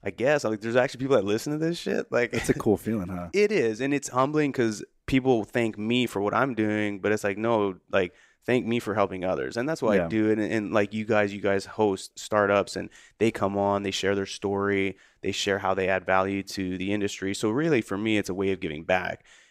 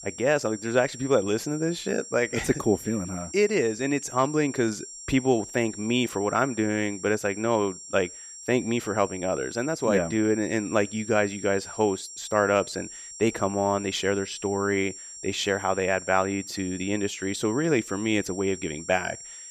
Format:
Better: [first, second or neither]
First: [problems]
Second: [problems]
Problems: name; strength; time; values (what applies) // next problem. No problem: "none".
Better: first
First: none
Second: high-pitched whine; noticeable; throughout; 7.5 kHz, 15 dB below the speech